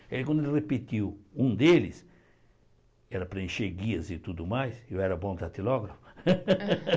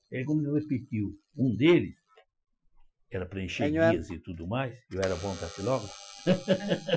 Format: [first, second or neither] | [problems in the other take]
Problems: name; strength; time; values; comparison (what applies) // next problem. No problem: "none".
first | noise reduction (classical method Wiener filter)